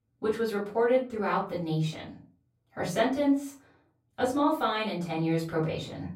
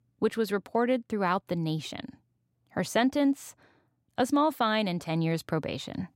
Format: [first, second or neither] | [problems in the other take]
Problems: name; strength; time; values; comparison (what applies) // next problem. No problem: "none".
second | off-mic speech; far // room echo; slight; dies away in 0.4 s